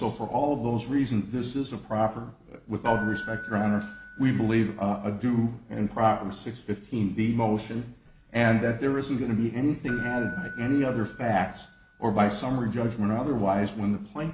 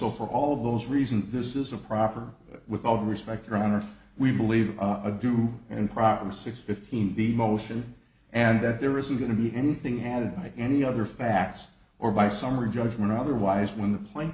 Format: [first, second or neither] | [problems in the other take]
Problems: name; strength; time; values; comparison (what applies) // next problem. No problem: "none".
second | background sound (Keyboard (musical)); 17 dB below the speech